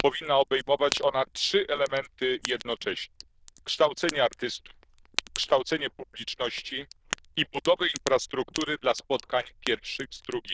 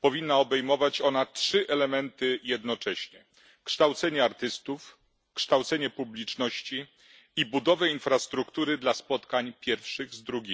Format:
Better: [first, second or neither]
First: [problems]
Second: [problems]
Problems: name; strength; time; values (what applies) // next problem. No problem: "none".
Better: second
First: noise reduction (neural diffusion model UNIVERSE++)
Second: none